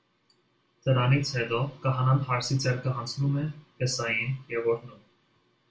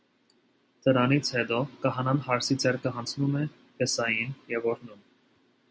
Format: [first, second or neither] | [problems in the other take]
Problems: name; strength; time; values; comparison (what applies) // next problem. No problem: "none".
second | room echo; dies away in 0.3 s